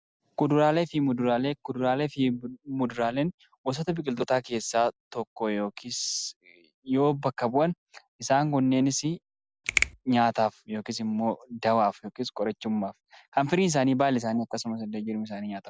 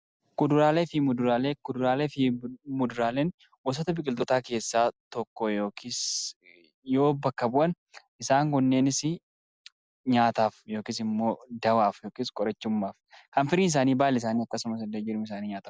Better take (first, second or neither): second